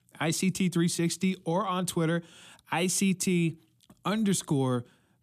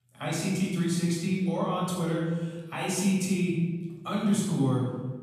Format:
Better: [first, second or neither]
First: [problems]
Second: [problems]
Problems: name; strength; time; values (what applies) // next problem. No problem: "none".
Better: first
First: none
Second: off-mic speech; far // room echo; noticeable; dies away in 1.2 s